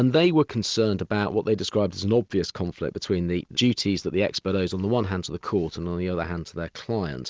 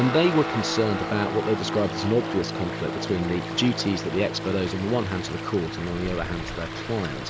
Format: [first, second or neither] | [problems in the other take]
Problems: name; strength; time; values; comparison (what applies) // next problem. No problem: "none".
first | background sound (Stream + Guitar); 5 dB below the speech